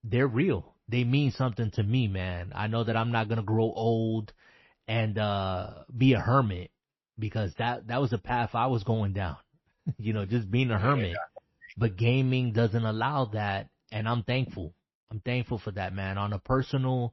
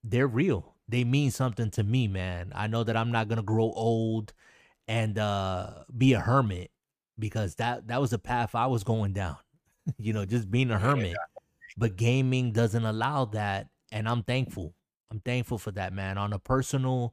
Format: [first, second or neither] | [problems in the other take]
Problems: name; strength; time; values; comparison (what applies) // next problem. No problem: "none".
second | garbled, watery; slightly; nothing above 5.5 kHz